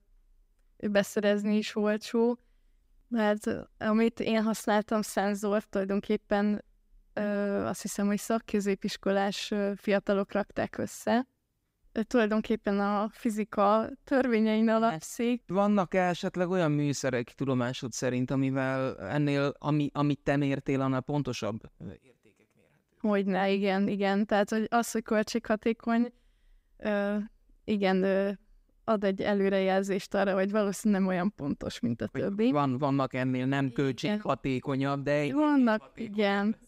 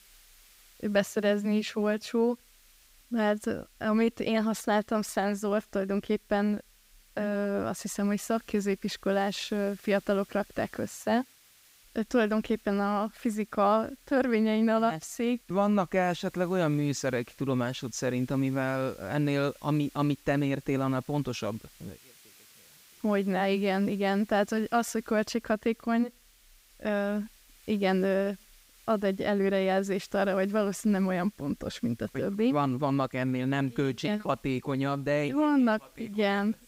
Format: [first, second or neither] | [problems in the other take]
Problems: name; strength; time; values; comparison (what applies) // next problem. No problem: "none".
first | hiss; faint; throughout; 25 dB below the speech